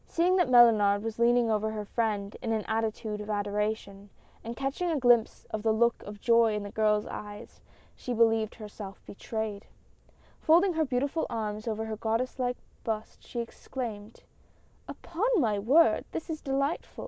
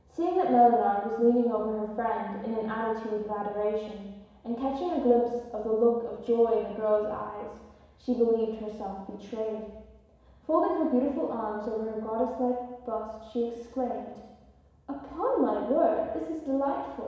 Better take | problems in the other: first | room echo; dies away in 1.1 s

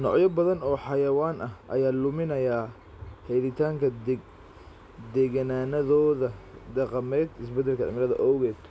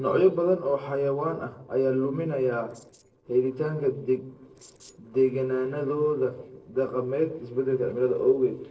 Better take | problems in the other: first | noise reduction (neural separator model SepFormer DNS4)

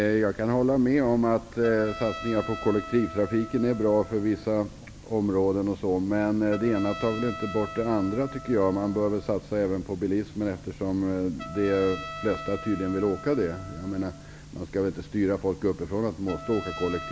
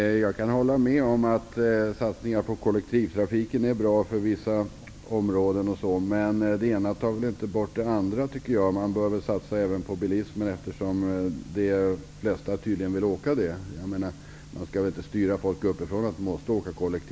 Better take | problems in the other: second | background sound (Trumpet); 15 dB below the speech

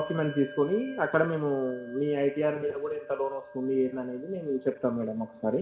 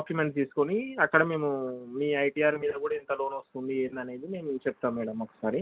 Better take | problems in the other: second | background sound (Bell); 17 dB below the speech // room echo; dies away in 1.3 s

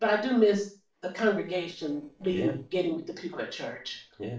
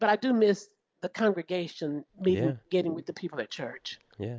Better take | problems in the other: second | noise reduction (neural separator model SepFormer DNS4)

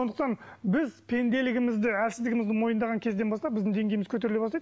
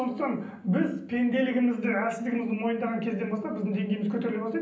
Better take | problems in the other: first | room echo; dies away in 0.6 s

